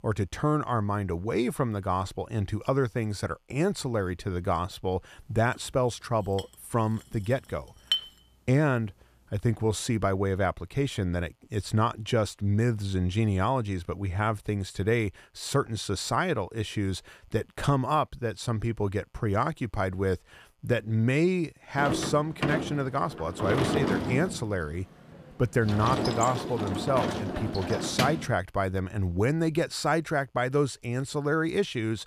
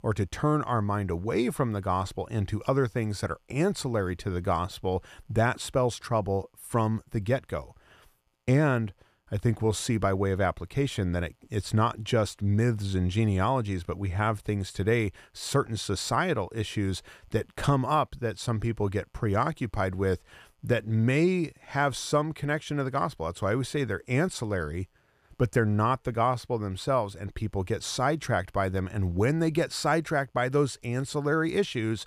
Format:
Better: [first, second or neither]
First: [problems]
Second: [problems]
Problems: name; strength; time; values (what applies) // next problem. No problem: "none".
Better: second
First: clattering dishes; loud; from 6.5 to 8 s; peak 1 dB above the speech // door banging; loud; from 22 to 28 s; peak 2 dB above the speech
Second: none